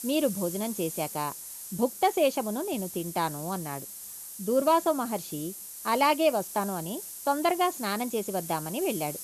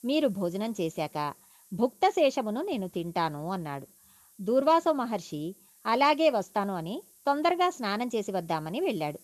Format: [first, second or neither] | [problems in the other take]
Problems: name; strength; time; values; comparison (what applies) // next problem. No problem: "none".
second | hiss; loud; throughout; 9 dB below the speech; faint in the second